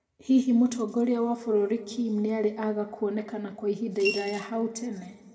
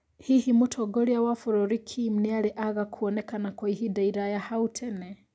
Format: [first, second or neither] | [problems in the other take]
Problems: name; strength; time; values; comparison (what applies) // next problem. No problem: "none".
second | background sound (Coin (dropping) / Glass); 9 dB below the speech // room echo; dies away in 1.3 s